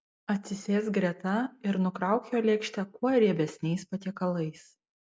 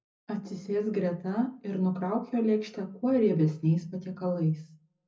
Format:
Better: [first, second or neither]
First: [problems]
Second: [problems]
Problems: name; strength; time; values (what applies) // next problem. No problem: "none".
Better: first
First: none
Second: room echo; dies away in 0.4 s